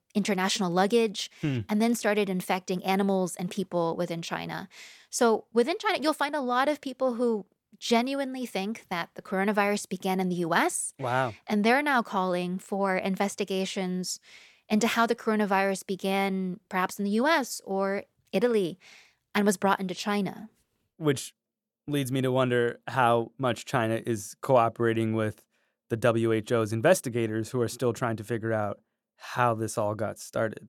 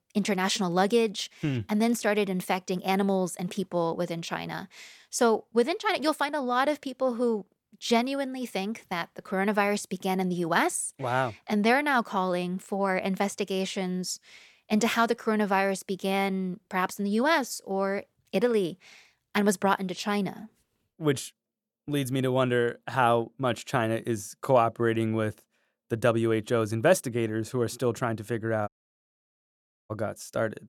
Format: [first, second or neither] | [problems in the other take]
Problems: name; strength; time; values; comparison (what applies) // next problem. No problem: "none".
first | audio cutting out; at 29 s for 1 s